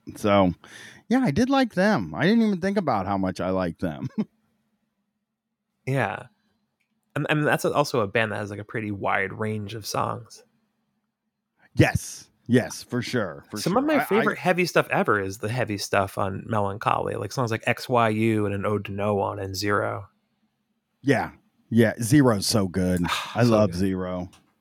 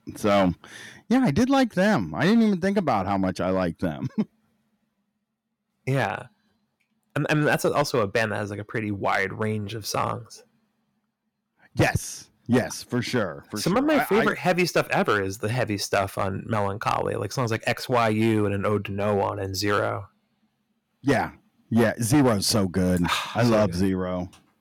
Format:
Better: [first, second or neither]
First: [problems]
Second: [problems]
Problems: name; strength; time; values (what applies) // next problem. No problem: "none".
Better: first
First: none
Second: distortion; slight; 3% of the sound clipped